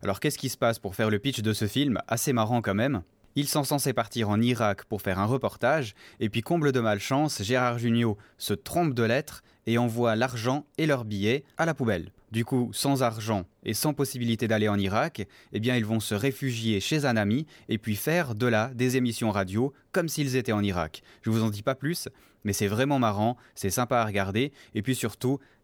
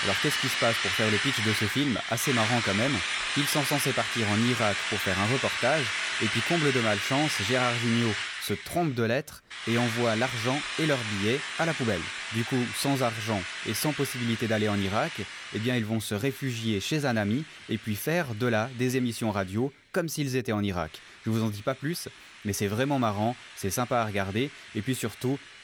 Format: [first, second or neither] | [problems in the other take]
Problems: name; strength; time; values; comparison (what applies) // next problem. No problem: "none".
first | machinery noise; loud; throughout; as loud as the speech